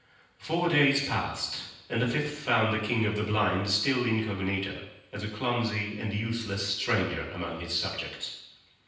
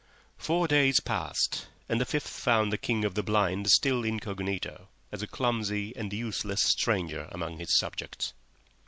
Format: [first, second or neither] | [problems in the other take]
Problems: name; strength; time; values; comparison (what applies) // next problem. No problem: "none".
second | room echo; dies away in 0.9 s